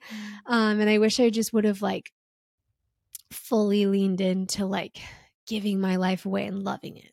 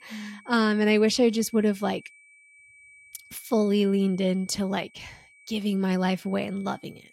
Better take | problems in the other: first | high-pitched whine; faint; throughout; 2.5 kHz, 25 dB below the speech

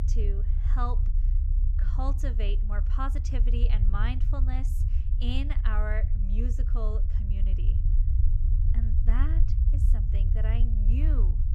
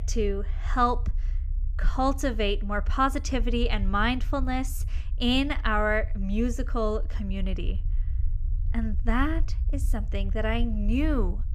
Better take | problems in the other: second | low rumble; loud; throughout; 7 dB below the speech; faint in the second

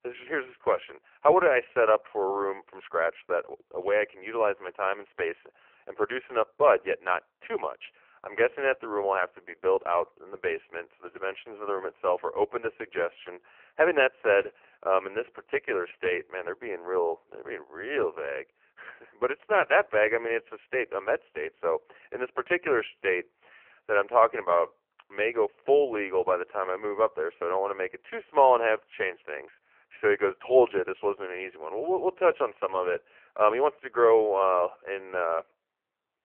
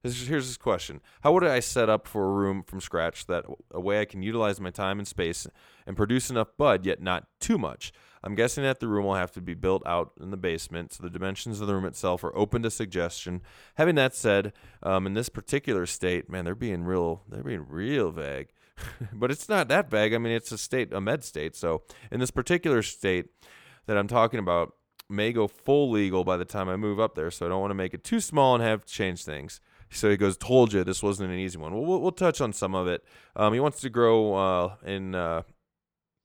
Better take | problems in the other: second | phone-call audio; poor line; nothing above 3 kHz

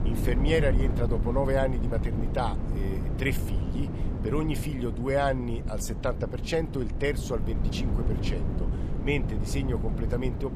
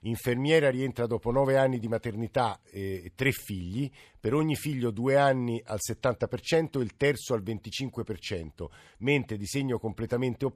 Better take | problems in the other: second | wind noise on the microphone; heavy; 9 dB below the speech

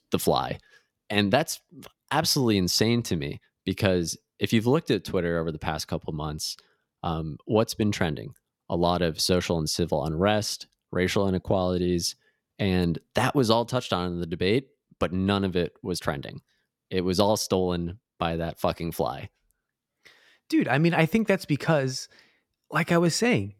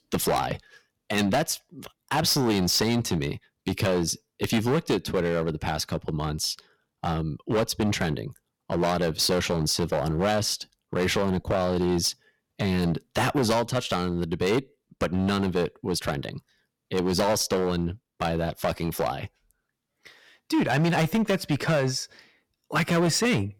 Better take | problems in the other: first | distortion; heavy; 10% of the sound clipped

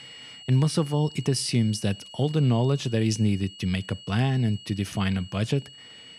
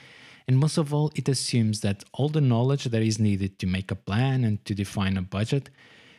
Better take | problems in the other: second | high-pitched whine; noticeable; throughout; 3 kHz, 15 dB below the speech

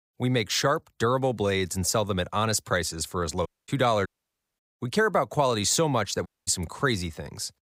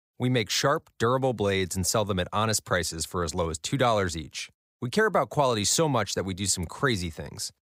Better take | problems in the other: second | audio cutting out; at 3.5 s, at 4 s for 0.5 s and at 6.5 s

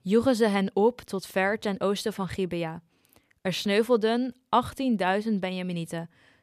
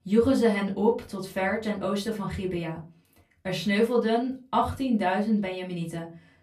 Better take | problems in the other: first | off-mic speech; far // room echo; very slight; dies away in 0.2 s

